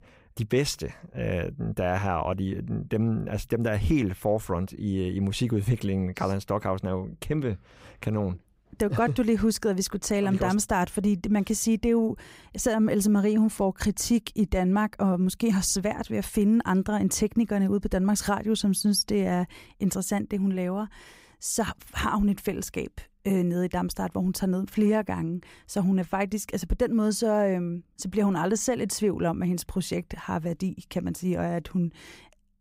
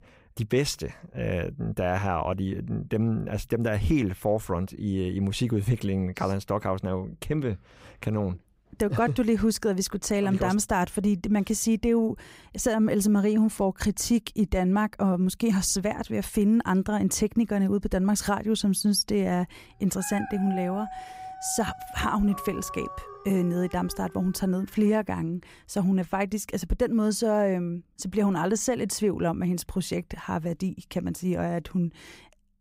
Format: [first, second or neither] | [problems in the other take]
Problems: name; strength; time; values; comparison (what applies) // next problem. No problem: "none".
first | dog barking; noticeable; from 20 to 25 s; peak 9 dB below the speech